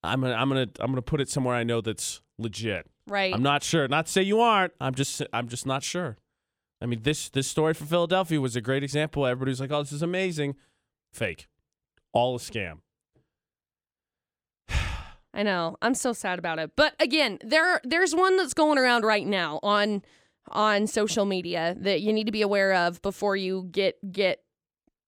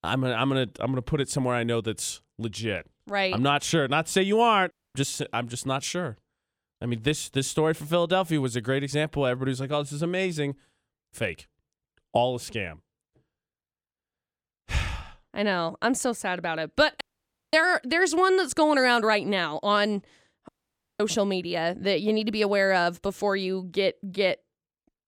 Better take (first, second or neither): first